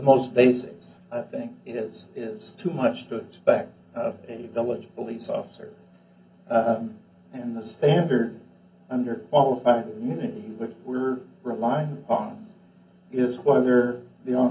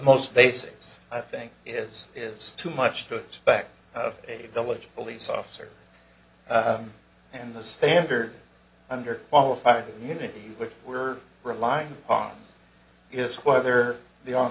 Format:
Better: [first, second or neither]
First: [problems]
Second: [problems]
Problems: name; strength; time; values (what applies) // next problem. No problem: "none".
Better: second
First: room echo; dies away in 0.3 s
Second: none